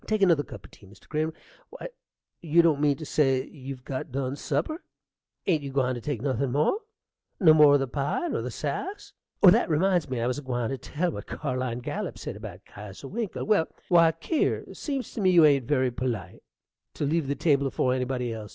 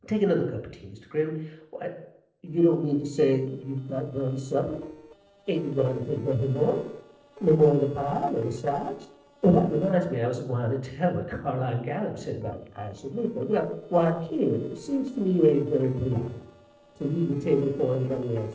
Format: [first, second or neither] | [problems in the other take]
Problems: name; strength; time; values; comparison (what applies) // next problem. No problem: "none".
first | noise reduction (neural separator model SepFormer DNS4)